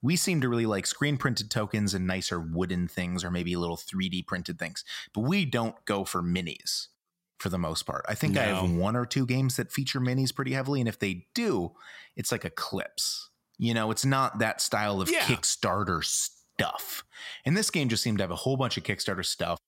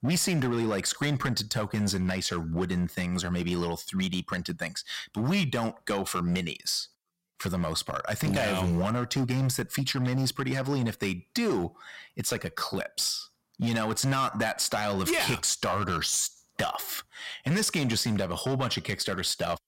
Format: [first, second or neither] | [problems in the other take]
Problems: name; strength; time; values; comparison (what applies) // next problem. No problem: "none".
first | distortion; slight; 9% of the sound clipped